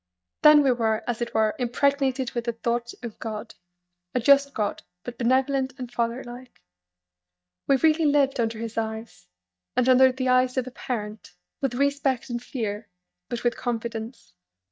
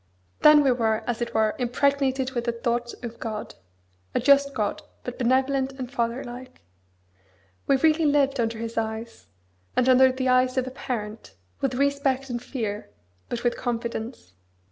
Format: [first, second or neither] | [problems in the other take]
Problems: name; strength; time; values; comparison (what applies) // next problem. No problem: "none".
second | noise reduction (neural mask model DeepFilterNet 3)